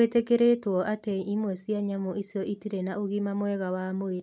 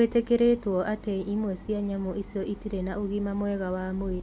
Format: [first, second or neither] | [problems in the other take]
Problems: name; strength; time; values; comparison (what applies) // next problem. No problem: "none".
first | background sound (Idling); 15 dB below the speech